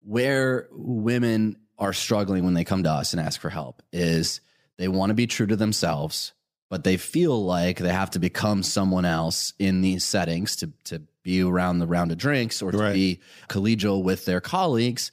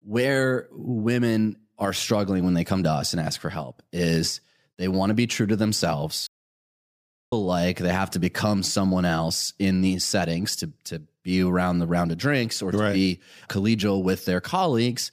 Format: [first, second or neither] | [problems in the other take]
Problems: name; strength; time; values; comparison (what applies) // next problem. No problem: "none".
first | audio cutting out; at 6.5 s for 1 s